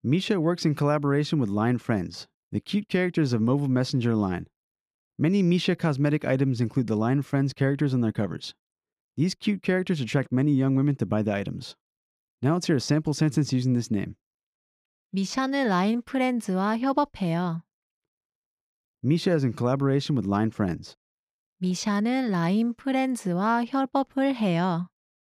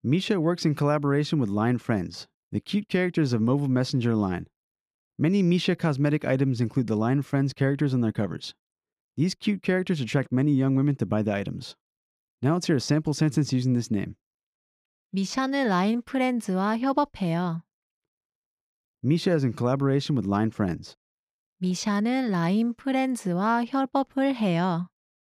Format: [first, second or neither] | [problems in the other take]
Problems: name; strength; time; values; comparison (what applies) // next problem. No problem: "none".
neither | none